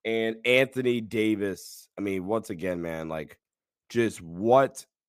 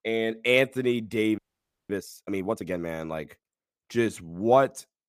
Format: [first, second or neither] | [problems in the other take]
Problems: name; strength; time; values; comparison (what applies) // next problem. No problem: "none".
first | audio freezing; at 1.5 s for 0.5 s